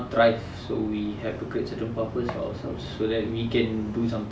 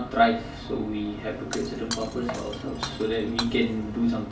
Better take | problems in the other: first | background sound (Shatter); 11 dB below the speech // room echo; dies away in 0.4 s

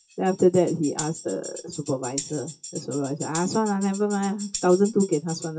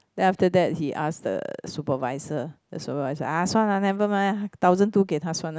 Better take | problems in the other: second | noise reduction (classical method WPE with log-MMSE)

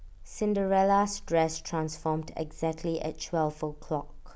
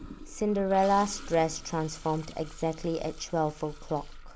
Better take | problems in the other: first | background sound (Toilet flush); 20 dB below the speech

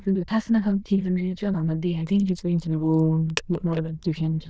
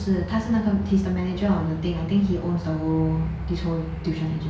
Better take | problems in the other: second | noise reduction (neural diffusion model UNIVERSE++)

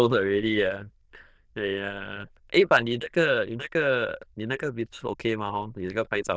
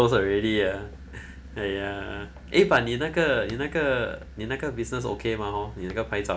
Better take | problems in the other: second | noise reduction (neural diffusion model UNIVERSE++)

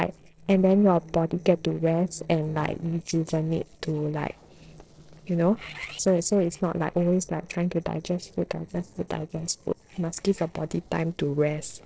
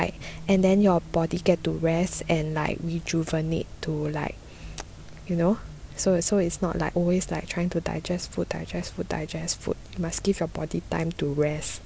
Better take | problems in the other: second | noise reduction (neural separator model SepFormer DNS4)

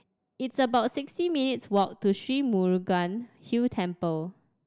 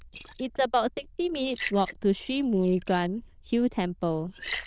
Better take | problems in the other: first | noise reduction (neural diffusion model UNIVERSE++)

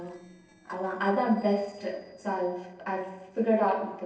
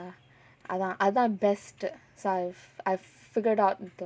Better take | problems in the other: second | noise reduction (neural separator model SepFormer DNS4)

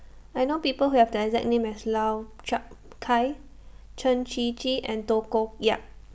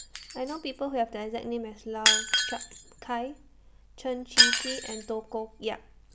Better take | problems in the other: first | background sound (Shatter); 5 dB above the speech

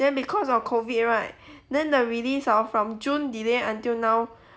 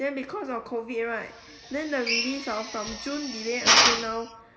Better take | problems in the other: first | background sound (Drill); 4 dB above the speech // room echo; dies away in 2 s

